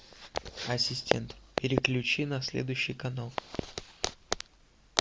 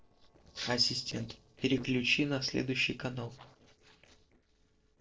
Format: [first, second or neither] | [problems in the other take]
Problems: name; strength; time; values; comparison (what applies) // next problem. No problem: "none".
first | noise reduction (neural separator model SepFormer DNS4)